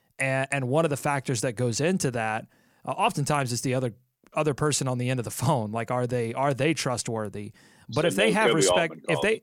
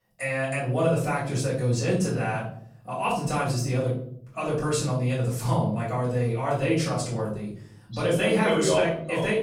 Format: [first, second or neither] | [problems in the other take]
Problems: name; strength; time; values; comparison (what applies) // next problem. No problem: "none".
first | off-mic speech; far // room echo; noticeable; dies away in 0.8 s